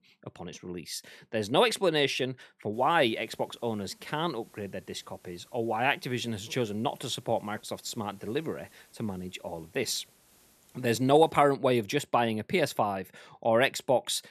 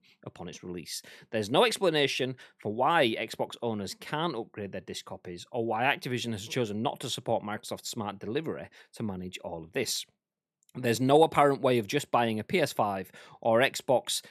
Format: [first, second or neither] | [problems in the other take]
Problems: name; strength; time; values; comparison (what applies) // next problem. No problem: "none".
second | hiss; faint; from 2.5 to 11 s; 30 dB below the speech